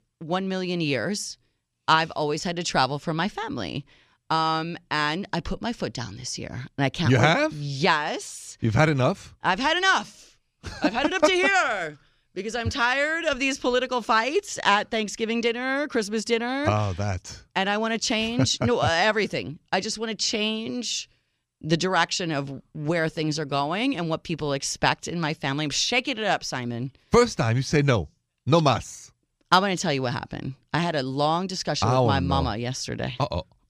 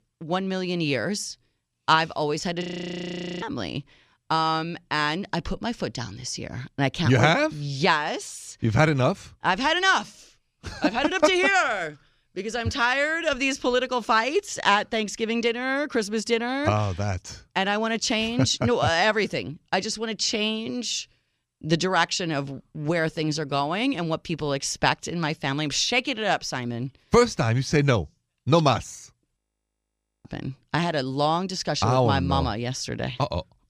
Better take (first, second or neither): first